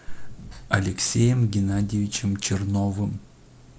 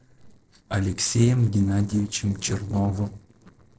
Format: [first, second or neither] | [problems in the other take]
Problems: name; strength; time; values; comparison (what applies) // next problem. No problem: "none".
first | noise reduction (neural separator model SepFormer DNS4)